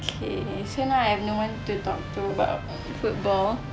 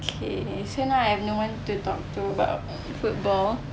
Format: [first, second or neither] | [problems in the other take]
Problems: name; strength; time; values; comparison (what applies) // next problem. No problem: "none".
second | background sound (Trumpet); 20 dB below the speech